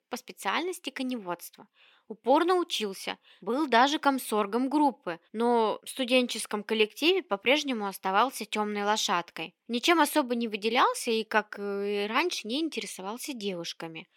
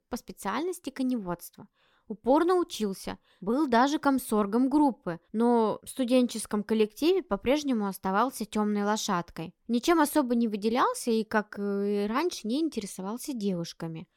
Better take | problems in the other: second | thin; very slightly; fading below 300 Hz

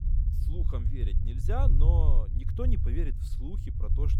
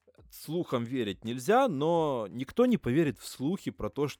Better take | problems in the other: second | low rumble; loud; throughout; 4 dB below the speech

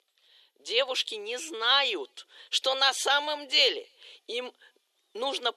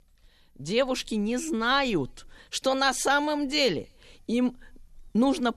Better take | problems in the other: second | thin; very; fading below 400 Hz

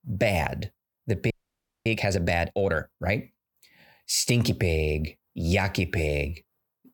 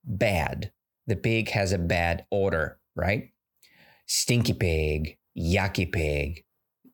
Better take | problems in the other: second | audio freezing; at 1.5 s for 0.5 s

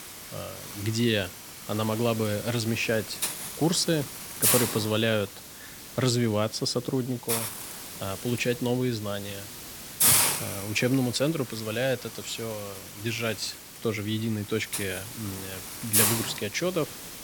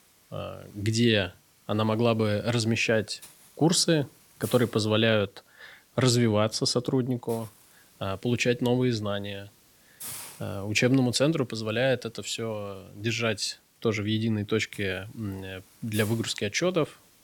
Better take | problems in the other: second | hiss; loud; throughout; as loud as the speech; faint in the second

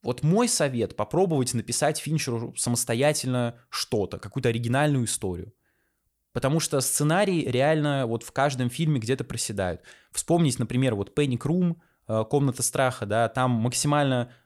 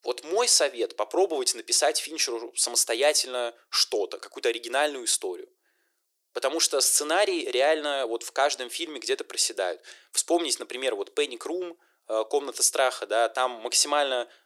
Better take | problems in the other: first | thin; very; fading below 350 Hz

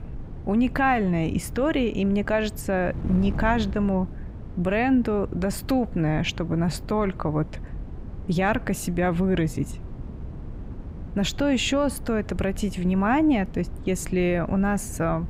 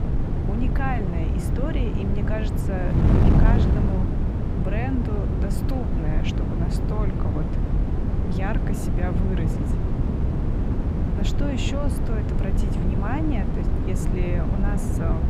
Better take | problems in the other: first | wind noise on the microphone; heavy; as loud as the speech; occasional gusts in the first

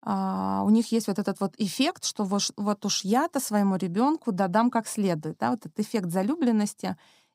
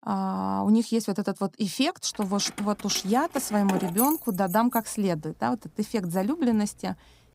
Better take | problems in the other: first | jangling keys; noticeable; from 2 to 6.5 s; peak 2 dB below the speech

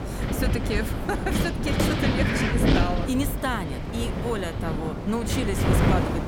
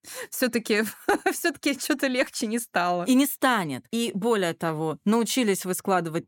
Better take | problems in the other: second | wind noise on the microphone; heavy; 1 dB above the speech

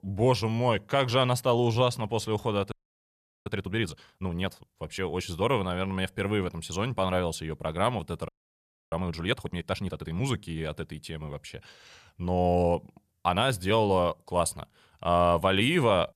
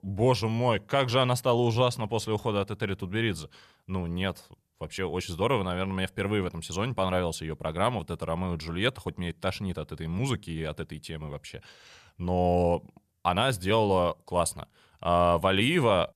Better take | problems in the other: second | audio freezing; at 2.5 s for 0.5 s and at 8.5 s for 0.5 s

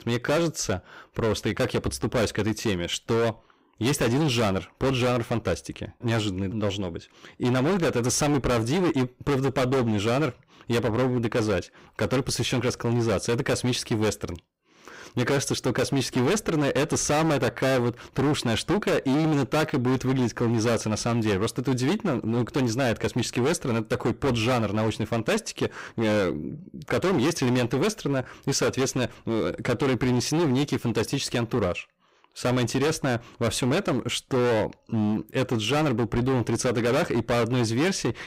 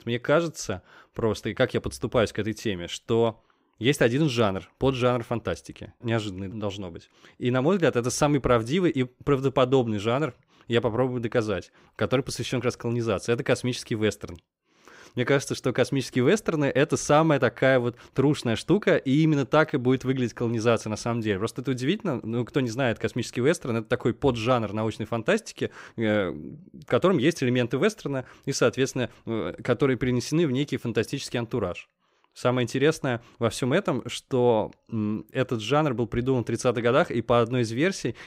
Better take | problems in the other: second | distortion; heavy; 21% of the sound clipped

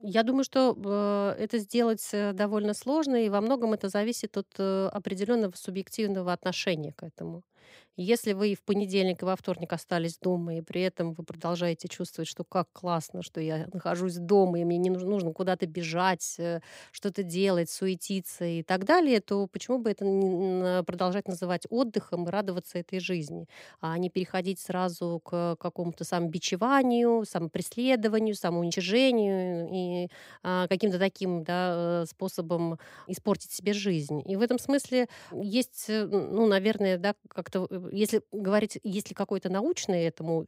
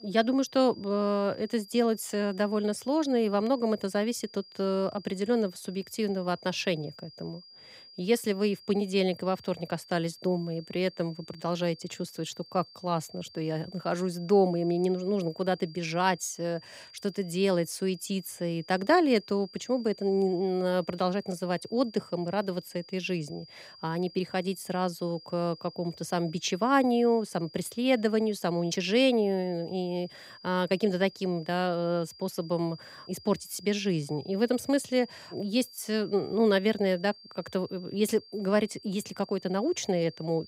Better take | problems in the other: first | high-pitched whine; faint; throughout; 5 kHz, 20 dB below the speech

